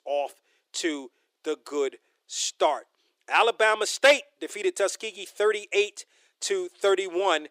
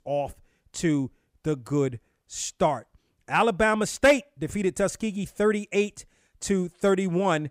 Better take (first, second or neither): second